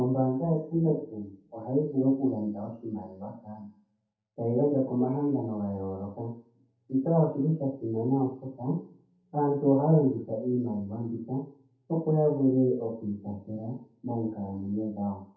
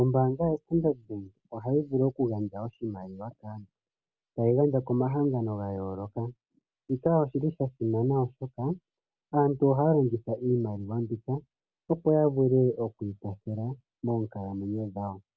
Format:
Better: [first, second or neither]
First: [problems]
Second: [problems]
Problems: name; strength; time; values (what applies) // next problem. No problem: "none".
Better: second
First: room echo; dies away in 0.7 s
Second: none